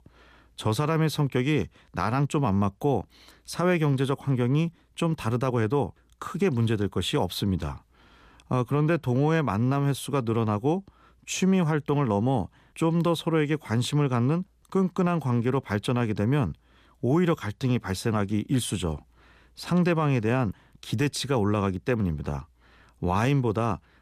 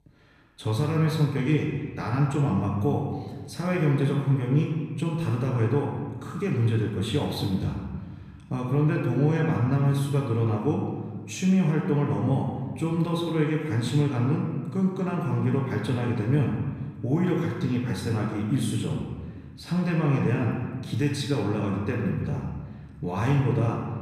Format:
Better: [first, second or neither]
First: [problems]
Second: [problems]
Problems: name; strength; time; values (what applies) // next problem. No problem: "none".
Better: first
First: none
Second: off-mic speech; far // room echo; noticeable; dies away in 1.4 s